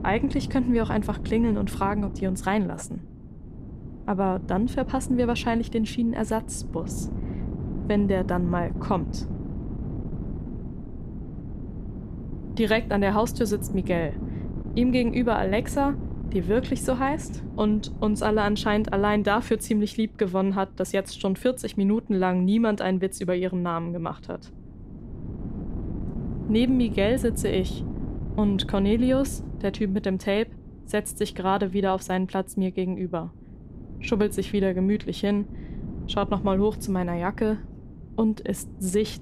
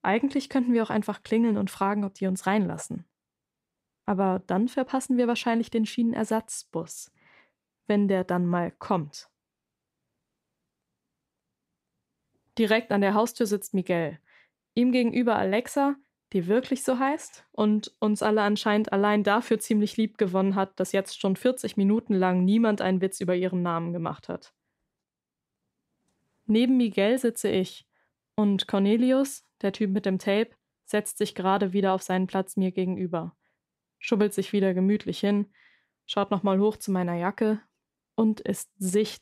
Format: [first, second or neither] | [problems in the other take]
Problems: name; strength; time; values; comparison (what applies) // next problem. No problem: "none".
second | wind noise on the microphone; occasional gusts; 15 dB below the speech